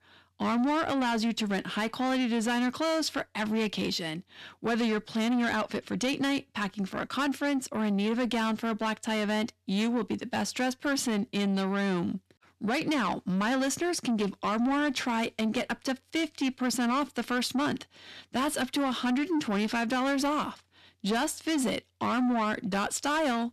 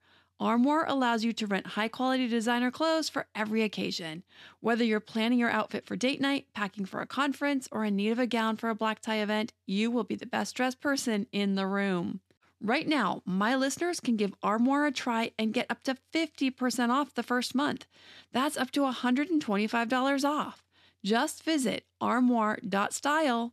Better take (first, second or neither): second